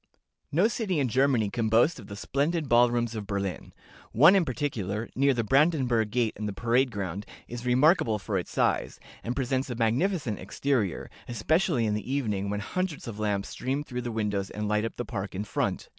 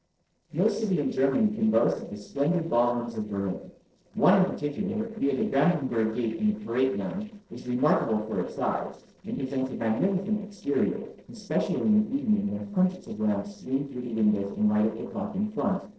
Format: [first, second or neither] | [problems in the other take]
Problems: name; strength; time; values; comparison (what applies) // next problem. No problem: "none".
first | noise reduction (neural separator model SepFormer DNS4)